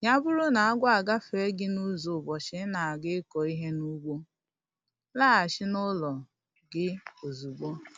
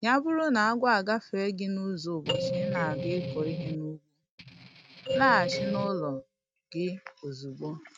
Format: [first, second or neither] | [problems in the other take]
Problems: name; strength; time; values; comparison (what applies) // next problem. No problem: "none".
first | noise reduction (neural mask model RNNoise)